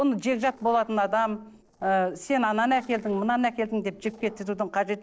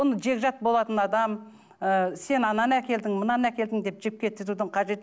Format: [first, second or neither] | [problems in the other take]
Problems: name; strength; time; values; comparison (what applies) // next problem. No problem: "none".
second | noise reduction (neural separator model SepFormer DNS4)